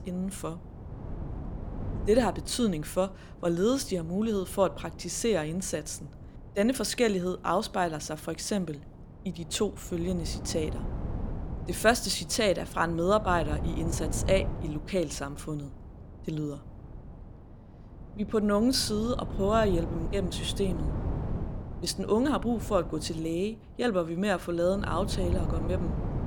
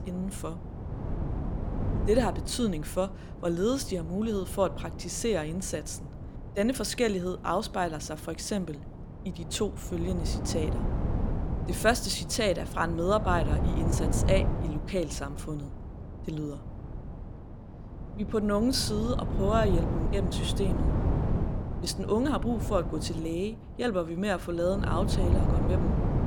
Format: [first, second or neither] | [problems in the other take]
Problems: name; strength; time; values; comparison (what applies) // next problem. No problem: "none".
first | wind noise on the microphone; heavy; 10 dB below the speech; occasional gusts in the first